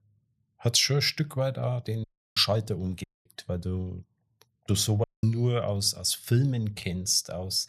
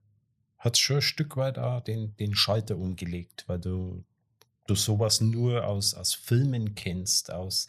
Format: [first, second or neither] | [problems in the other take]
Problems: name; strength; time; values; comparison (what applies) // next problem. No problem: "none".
second | audio cutting out; at 2 s, at 3 s and at 5 s